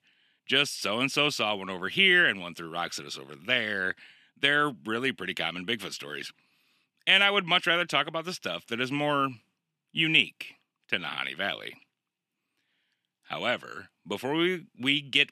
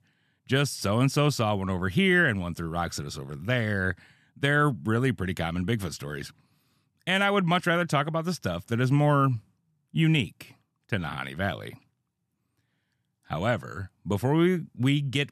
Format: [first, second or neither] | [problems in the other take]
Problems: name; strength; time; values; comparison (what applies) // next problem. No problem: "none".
second | thin; somewhat; fading below 300 Hz